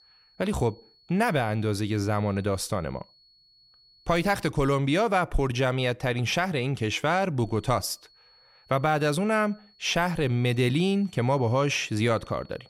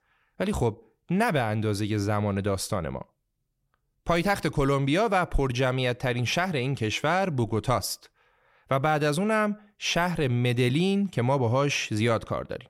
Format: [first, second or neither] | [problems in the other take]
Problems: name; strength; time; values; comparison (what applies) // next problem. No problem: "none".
second | high-pitched whine; faint; until 4 s and from 7.5 s on; 4.5 kHz, 30 dB below the speech